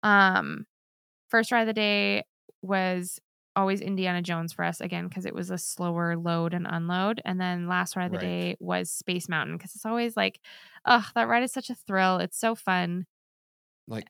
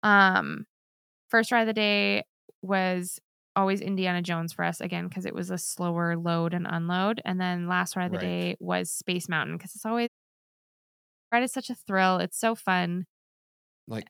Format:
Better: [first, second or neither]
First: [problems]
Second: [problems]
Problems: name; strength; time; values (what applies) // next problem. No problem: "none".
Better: first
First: none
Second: audio cutting out; at 10 s for 1 s